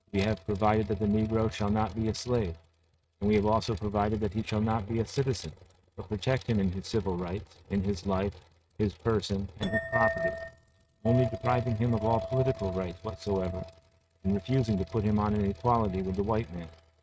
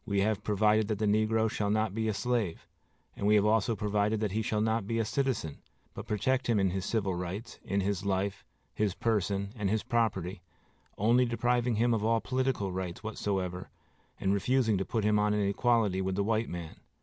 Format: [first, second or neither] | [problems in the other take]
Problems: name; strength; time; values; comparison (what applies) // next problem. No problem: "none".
second | noise reduction (neural mask model RNNoise)